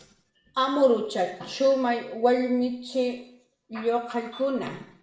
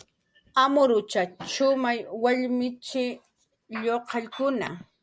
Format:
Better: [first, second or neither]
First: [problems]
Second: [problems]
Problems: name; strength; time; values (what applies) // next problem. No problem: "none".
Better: second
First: room echo; dies away in 0.7 s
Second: none